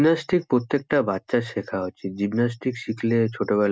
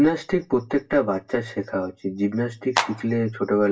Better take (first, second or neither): first